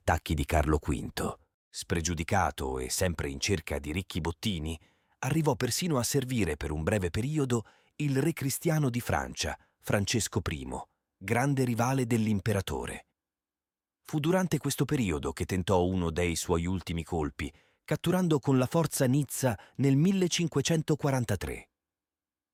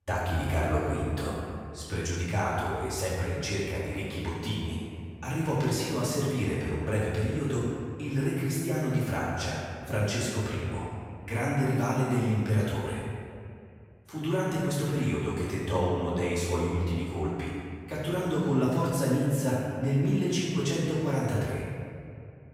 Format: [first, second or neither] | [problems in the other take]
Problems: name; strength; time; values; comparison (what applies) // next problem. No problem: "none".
first | off-mic speech; far // room echo; strong; dies away in 2 s